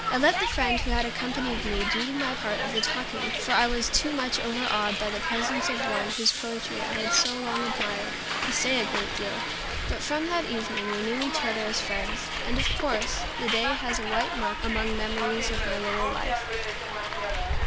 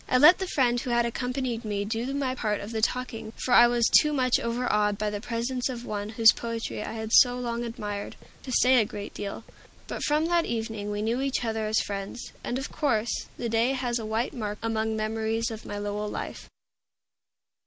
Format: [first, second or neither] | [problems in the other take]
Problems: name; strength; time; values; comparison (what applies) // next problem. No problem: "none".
second | background sound (Hiss); 1 dB above the speech